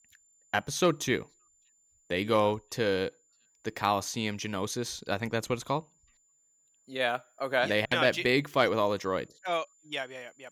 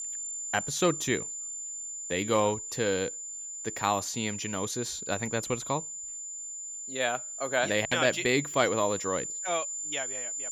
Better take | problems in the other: first | high-pitched whine; loud; throughout; 7 kHz, 5 dB below the speech; faint in the first

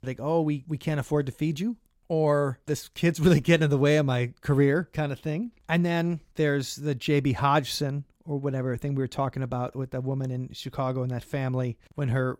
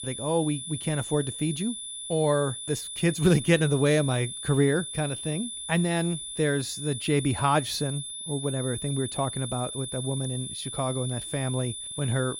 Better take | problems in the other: first | high-pitched whine; loud; throughout; 10 kHz, 7 dB below the speech

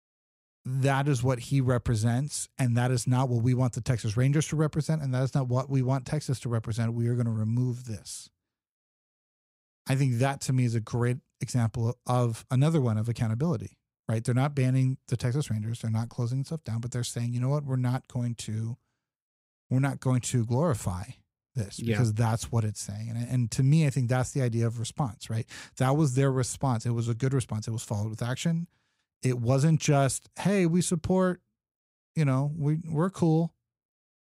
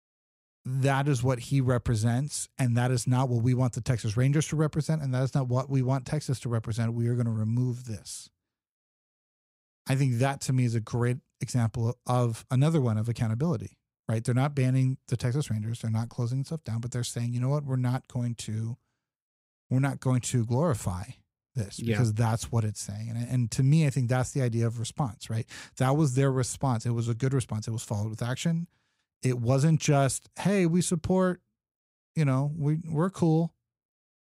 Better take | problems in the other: neither | none

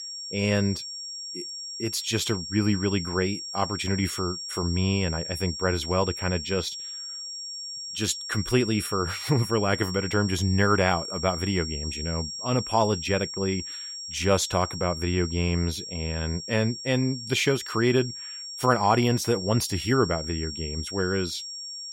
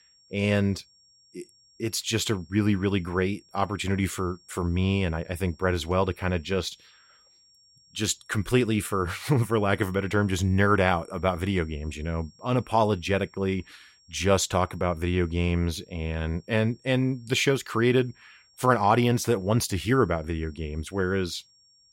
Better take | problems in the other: second | high-pitched whine; loud; throughout; 5.5 kHz, 7 dB below the speech; faint in the second

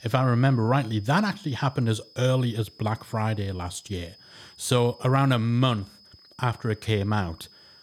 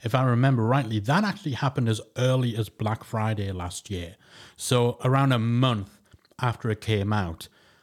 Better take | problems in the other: second | high-pitched whine; faint; throughout; 5 kHz, 25 dB below the speech

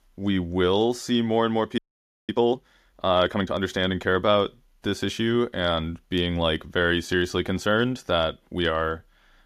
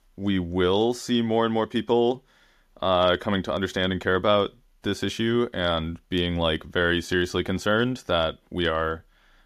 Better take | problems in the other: second | audio freezing; at 2 s for 0.5 s

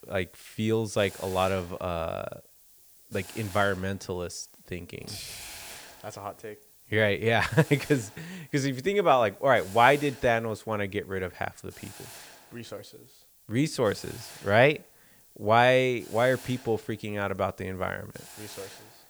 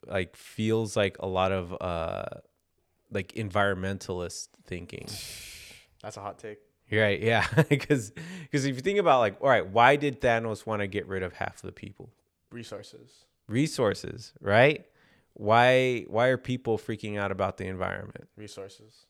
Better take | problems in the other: second | hiss; faint; throughout; 20 dB below the speech

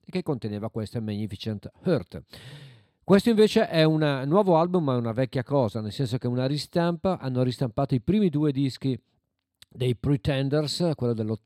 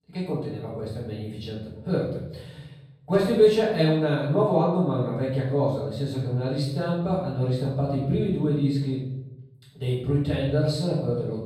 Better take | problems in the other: first | off-mic speech; far // room echo; noticeable; dies away in 0.8 s

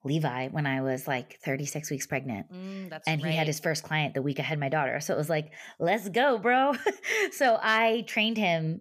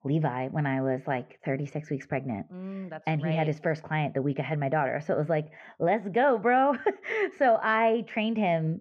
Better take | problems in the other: first | muffled; very; fading above 1.5 kHz

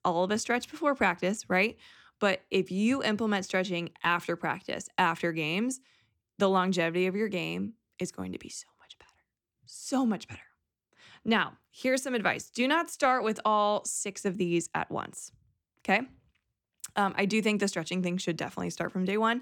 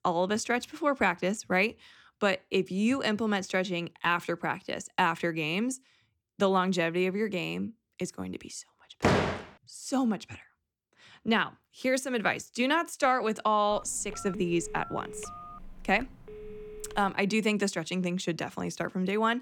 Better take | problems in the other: first | door banging; loud; at 9 s; peak 3 dB above the speech // phone ringing; faint; from 14 to 17 s; peak 15 dB below the speech

